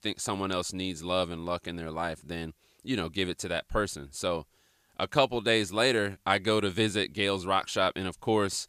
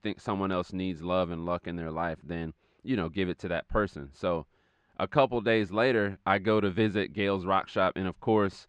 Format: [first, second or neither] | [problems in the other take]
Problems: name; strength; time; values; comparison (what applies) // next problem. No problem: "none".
first | muffled; very; fading above 2 kHz